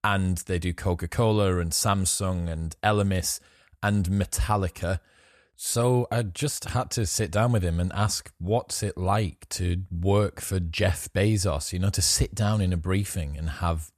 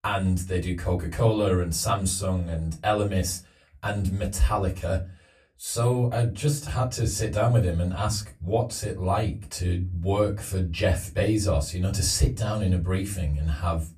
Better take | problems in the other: first | off-mic speech; far // room echo; very slight; dies away in 0.2 s

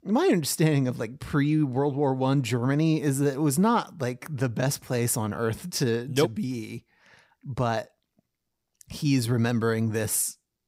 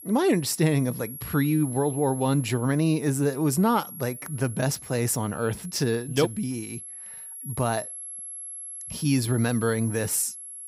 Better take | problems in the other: first | high-pitched whine; noticeable; throughout; 11 kHz, 10 dB below the speech

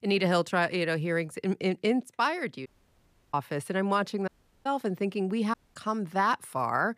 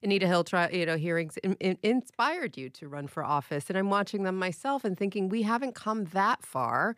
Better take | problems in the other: second | audio cutting out; at 2.5 s for 0.5 s, at 4.5 s and at 5.5 s

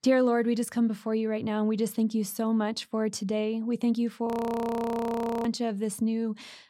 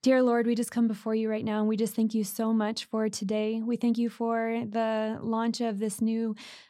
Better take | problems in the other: second | audio freezing; at 4.5 s for 1 s

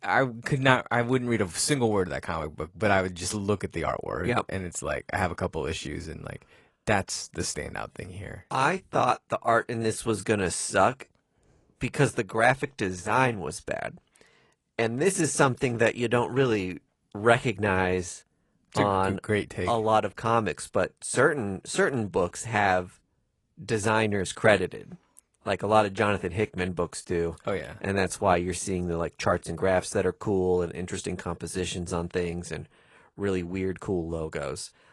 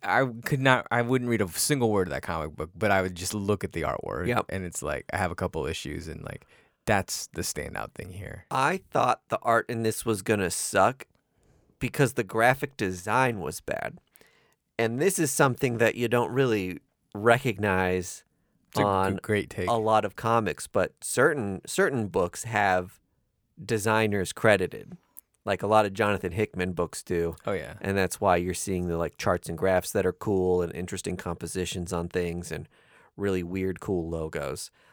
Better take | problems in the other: second | garbled, watery; slightly; nothing above 10.5 kHz

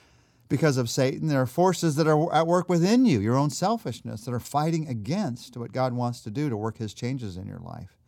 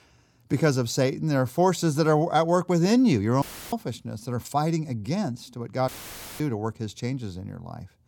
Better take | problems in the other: first | audio cutting out; filled with static; at 3.5 s and at 6 s for 0.5 s

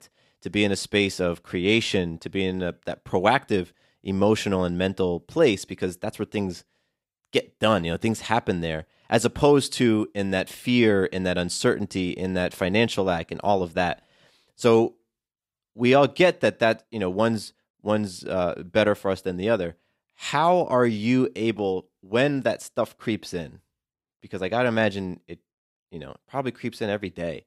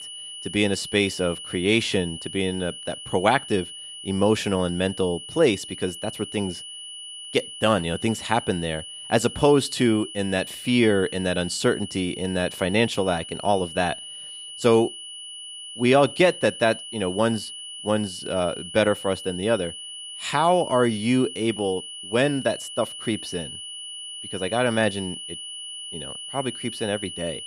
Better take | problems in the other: first | high-pitched whine; noticeable; throughout; 3 kHz, 10 dB below the speech

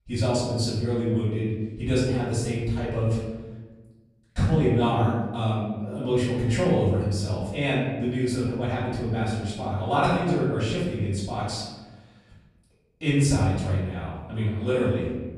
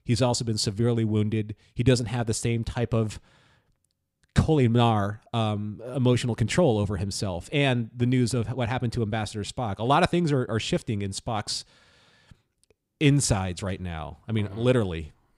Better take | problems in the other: second | off-mic speech; far // room echo; noticeable; dies away in 1.2 s

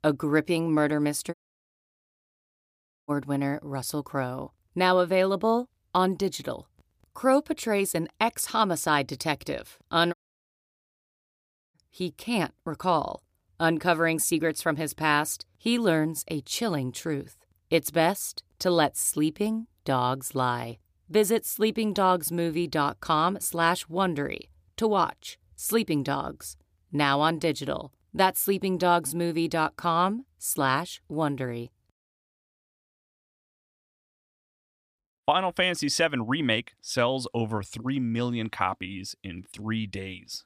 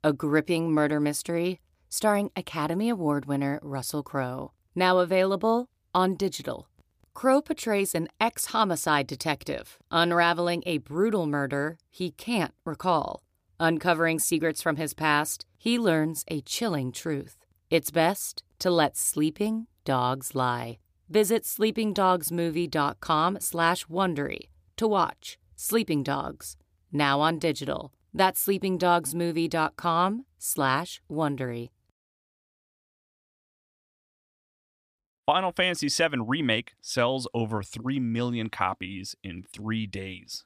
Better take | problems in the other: second | audio cutting out; at 1.5 s for 1.5 s and at 10 s for 1.5 s

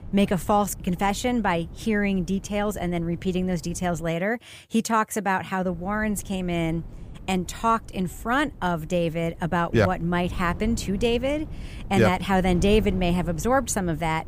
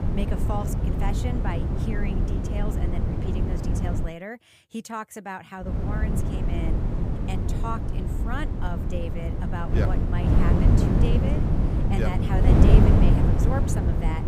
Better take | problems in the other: first | wind noise on the microphone; heavy; until 4 s and from 5.5 s on; 2 dB above the speech; occasional gusts in the first

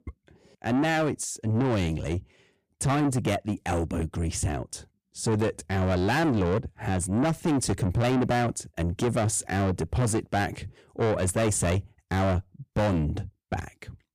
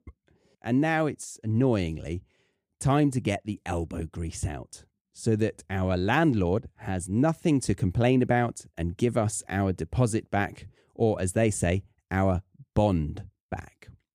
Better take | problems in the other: second | distortion; heavy; 7 dB below the speech

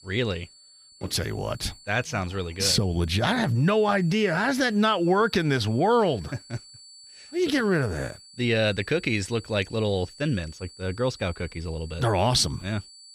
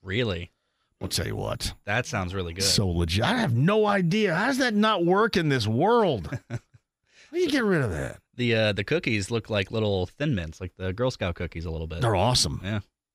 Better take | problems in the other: second | high-pitched whine; faint; throughout; 4.5 kHz, 20 dB below the speech

